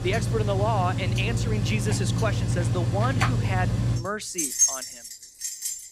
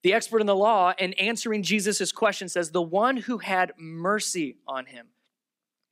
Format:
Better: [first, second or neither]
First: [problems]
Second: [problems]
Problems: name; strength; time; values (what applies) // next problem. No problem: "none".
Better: second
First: household noises; very loud; throughout; 5 dB above the speech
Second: none